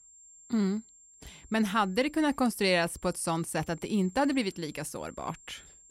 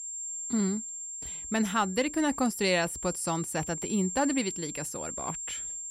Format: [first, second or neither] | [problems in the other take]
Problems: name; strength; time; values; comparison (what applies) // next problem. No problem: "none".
first | high-pitched whine; loud; throughout; 7.5 kHz, 6 dB below the speech; faint in the first